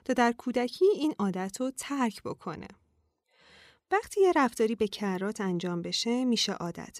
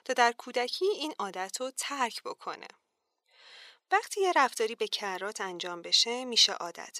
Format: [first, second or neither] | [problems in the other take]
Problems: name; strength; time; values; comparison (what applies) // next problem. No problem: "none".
first | thin; very; fading below 650 Hz